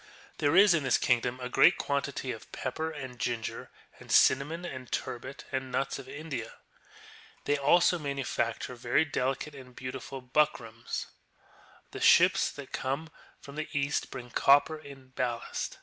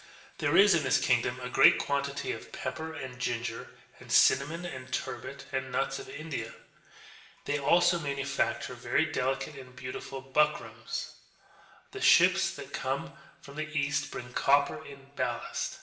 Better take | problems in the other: first | room echo; dies away in 1 s

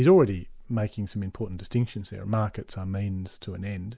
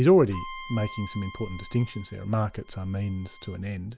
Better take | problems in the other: first | background sound (Bowed string instrument); 18 dB below the speech

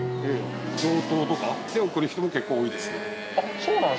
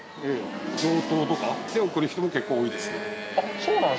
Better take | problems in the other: second | background sound (Dishes, pots, and pans + Drum); 12 dB below the speech

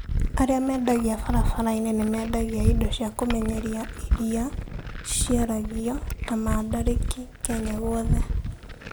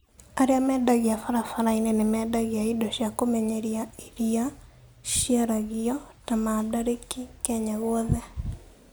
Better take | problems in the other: second | background sound (Glass); 1 dB below the speech

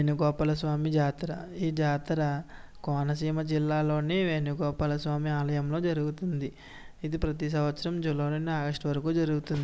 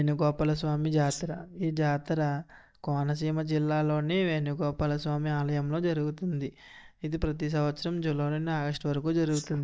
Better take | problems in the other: first | noise reduction (neural mask model DeepFilterNet 3)

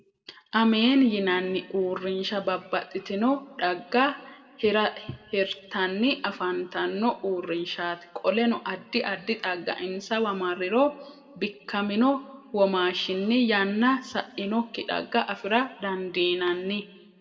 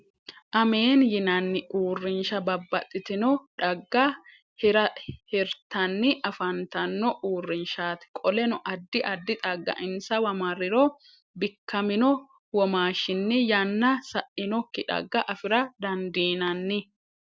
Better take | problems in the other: second | room echo; dies away in 0.9 s

